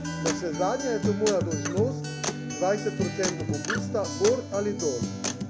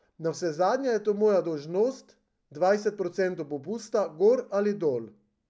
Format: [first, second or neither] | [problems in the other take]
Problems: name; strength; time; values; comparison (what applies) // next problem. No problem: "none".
second | background sound (Acoustic guitar); 1 dB below the speech